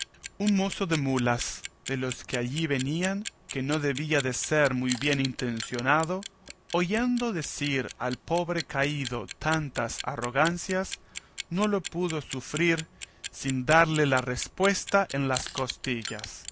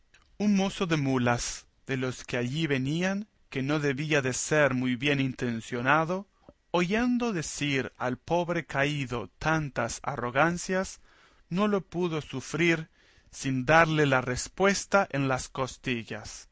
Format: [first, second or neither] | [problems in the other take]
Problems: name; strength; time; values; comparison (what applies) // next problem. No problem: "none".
second | background sound (Clock); 13 dB below the speech